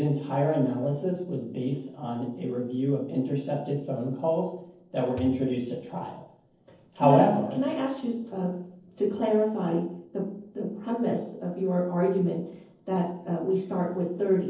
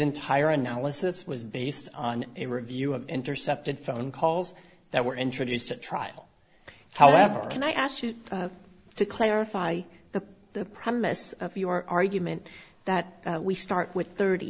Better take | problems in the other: second | noise reduction (neural separator model SepFormer DNS4)

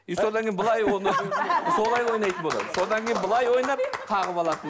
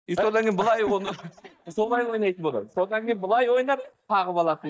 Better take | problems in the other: first | noise reduction (neural mask model DeepFilterNet 3)

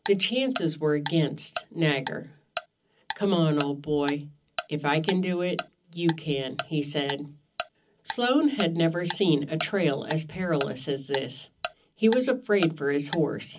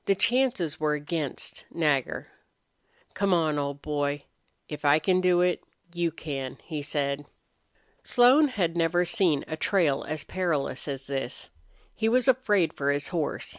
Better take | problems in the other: second | background sound (Tick-tock); 13 dB below the speech // room echo; dies away in 0.4 s

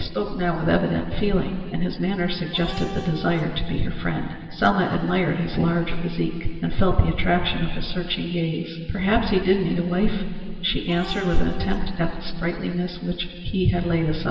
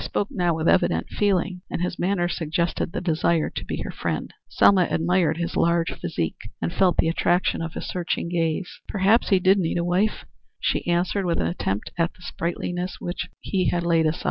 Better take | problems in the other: second | background sound (Cat); 15 dB below the speech // room echo; dies away in 2.6 s

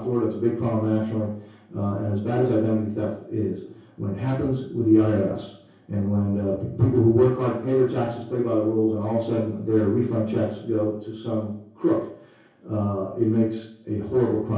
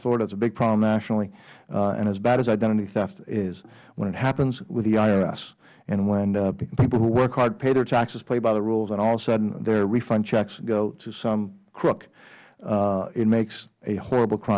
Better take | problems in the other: second | room echo; dies away in 0.6 s

